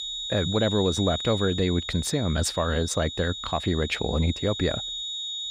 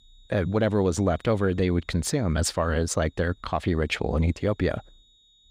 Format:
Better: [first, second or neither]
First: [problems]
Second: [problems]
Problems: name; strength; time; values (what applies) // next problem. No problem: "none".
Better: second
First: high-pitched whine; loud; throughout; 3.5 kHz, 6 dB below the speech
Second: high-pitched whine; faint; throughout; 3.5 kHz, 35 dB below the speech